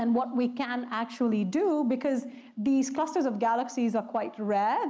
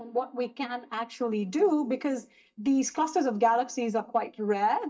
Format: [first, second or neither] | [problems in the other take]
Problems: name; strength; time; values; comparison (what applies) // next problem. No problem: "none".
first | noise reduction (neural mask model DeepFilterNet 3)